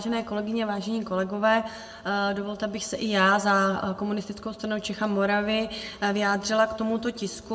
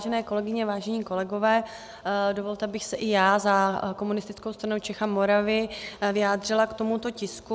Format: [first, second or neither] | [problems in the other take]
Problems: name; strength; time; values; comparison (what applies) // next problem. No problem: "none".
second | room echo; dies away in 0.9 s